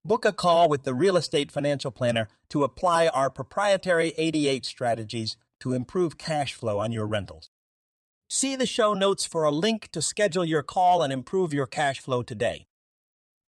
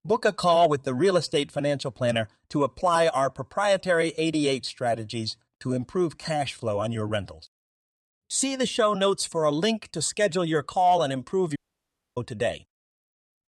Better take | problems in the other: first | audio cutting out; at 12 s for 0.5 s

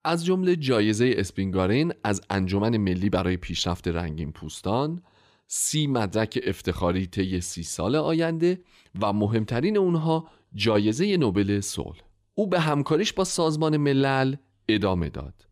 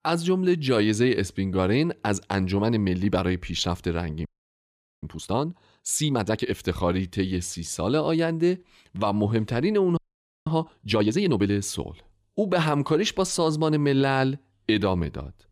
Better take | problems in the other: first | audio freezing; at 4.5 s for 1 s and at 10 s

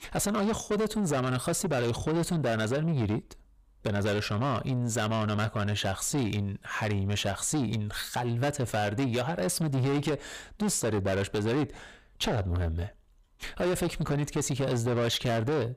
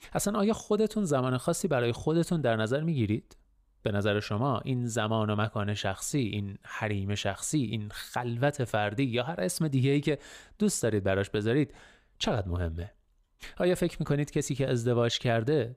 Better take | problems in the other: second | distortion; heavy; 8 dB below the speech

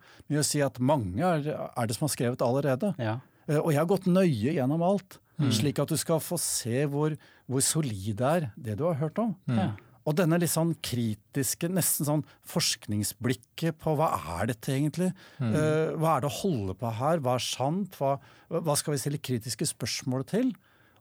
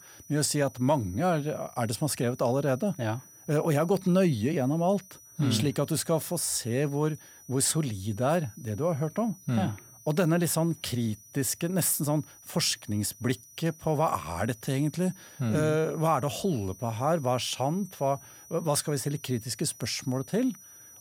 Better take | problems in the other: first | high-pitched whine; faint; throughout; 6 kHz, 20 dB below the speech

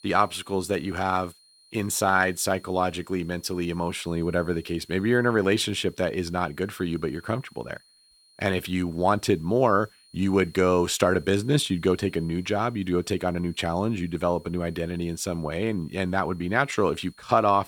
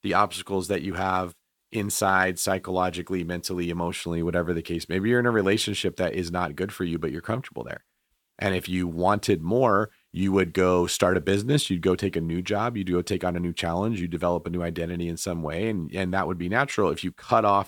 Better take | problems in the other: second | high-pitched whine; faint; throughout; 4 kHz, 30 dB below the speech

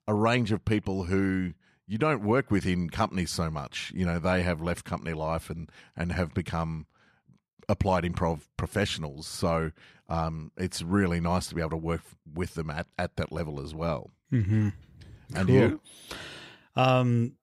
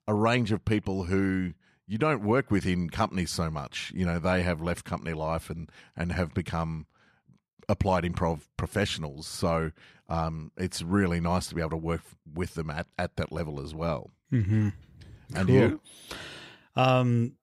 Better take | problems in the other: neither | none

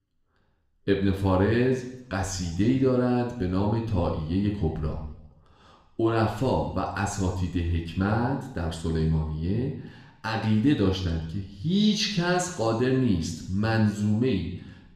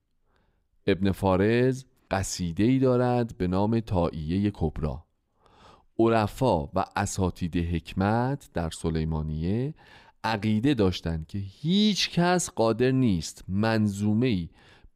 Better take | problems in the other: second | room echo; noticeable; dies away in 0.8 s // off-mic speech; somewhat distant

